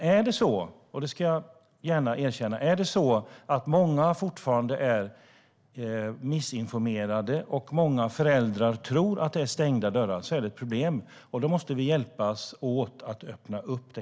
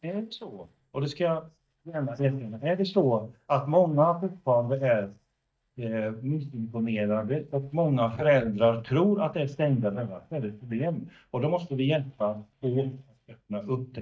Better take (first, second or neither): first